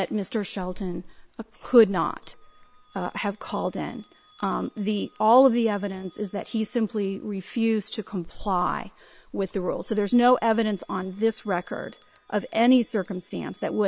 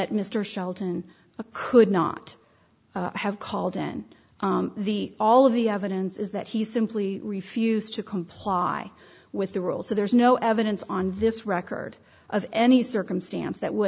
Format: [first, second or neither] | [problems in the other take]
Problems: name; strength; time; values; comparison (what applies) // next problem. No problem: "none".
second | noise reduction (neural separator model SepFormer WHAM!)